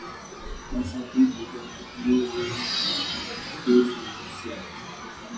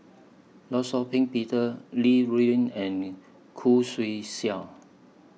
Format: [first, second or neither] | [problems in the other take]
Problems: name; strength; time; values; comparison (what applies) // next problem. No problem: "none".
second | noise reduction (classical method WPE with log-MMSE)